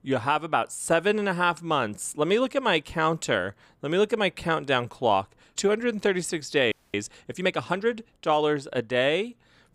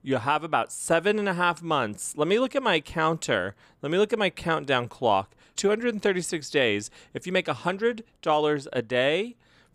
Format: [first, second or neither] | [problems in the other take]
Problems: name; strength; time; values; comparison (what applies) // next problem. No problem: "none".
second | audio freezing; at 6.5 s